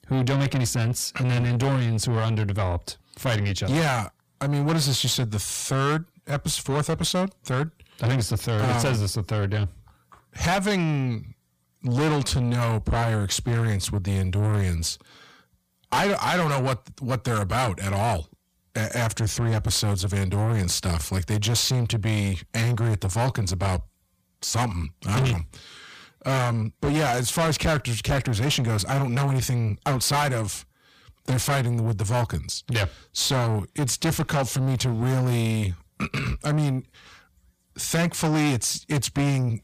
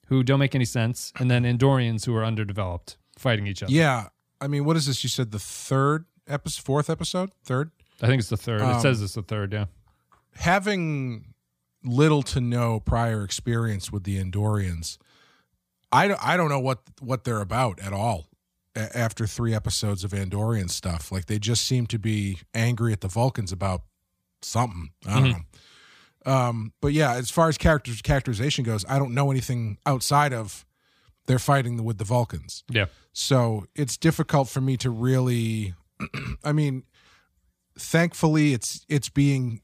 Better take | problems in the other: second | distortion; heavy; 5 dB below the speech

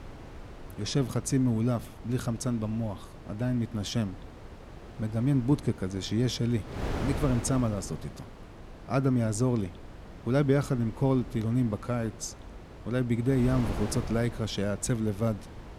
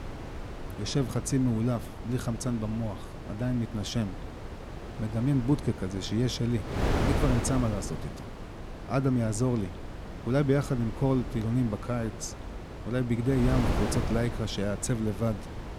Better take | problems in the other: first | wind noise on the microphone; heavy; 6 dB below the speech; occasional gusts in the first

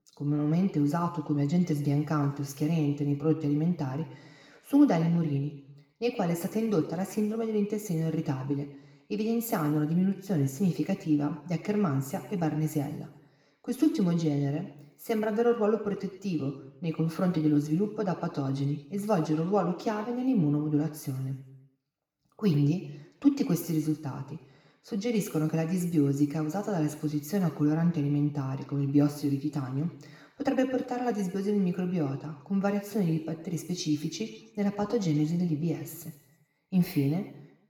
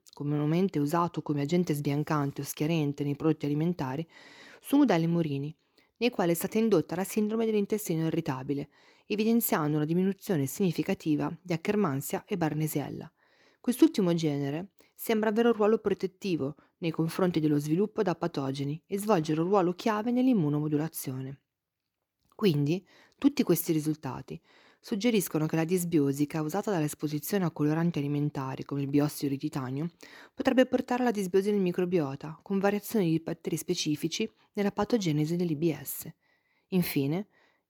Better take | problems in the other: second | room echo; slight; dies away in 0.8 s // off-mic speech; somewhat distant

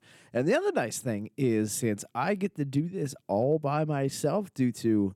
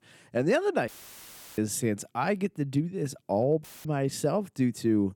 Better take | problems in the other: first | audio cutting out; filled with static; at 1 s for 0.5 s and at 3.5 s

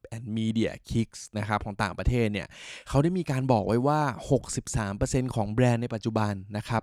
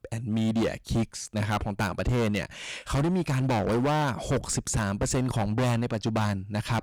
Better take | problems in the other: first | distortion; heavy; 17% of the sound clipped

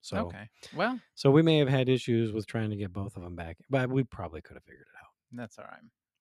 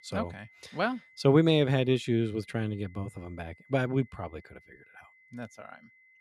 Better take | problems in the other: first | high-pitched whine; faint; throughout; 2 kHz, 30 dB below the speech

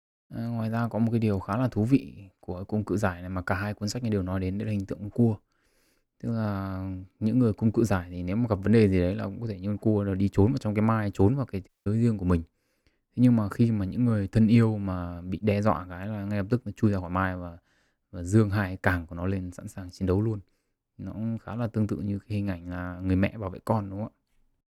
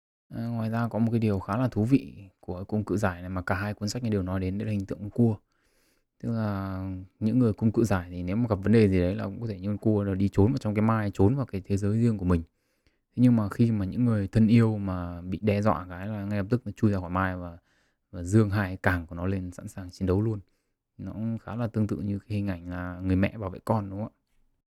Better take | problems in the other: second | audio cutting out; at 12 s

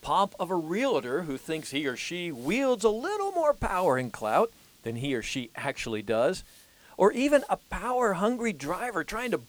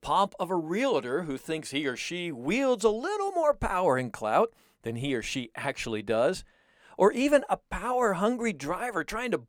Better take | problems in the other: second | hiss; faint; throughout; 25 dB below the speech

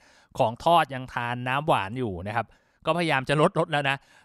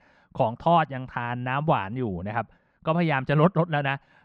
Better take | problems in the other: first | muffled; slightly; fading above 2.5 kHz

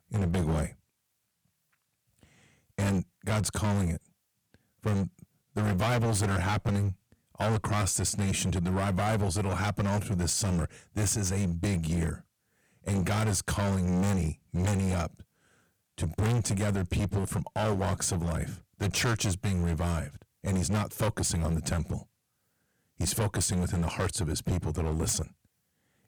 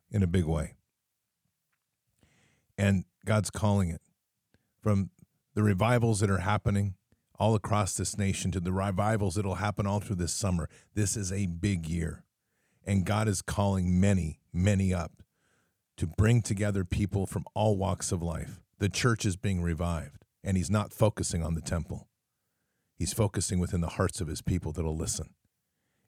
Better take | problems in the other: second | distortion; heavy; 17% of the sound clipped

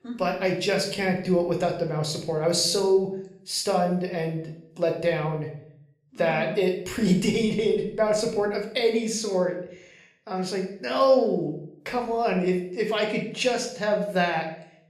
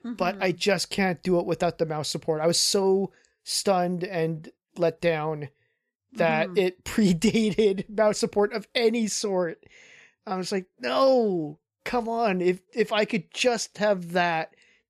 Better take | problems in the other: second | room echo; slight; dies away in 0.5 s // off-mic speech; somewhat distant

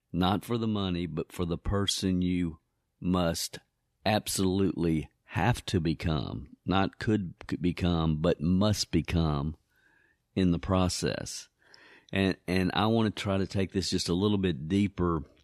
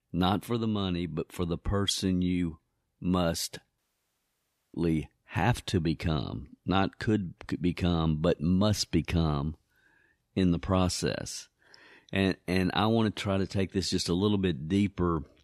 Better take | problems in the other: first | audio cutting out; at 4 s for 1 s

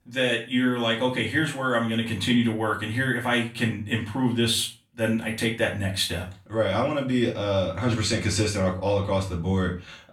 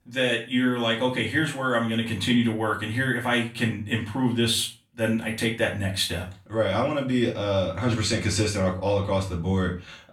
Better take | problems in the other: neither | off-mic speech; far; the same in both // room echo; slight; dies away in 0.3 s; the same in both

